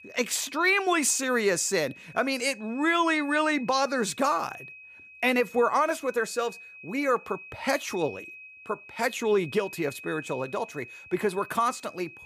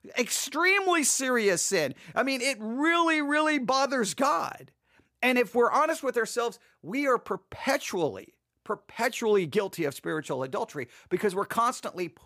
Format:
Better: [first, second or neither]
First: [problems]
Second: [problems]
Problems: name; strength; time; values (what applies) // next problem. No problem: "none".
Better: second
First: high-pitched whine; noticeable; throughout; 2.5 kHz, 15 dB below the speech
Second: none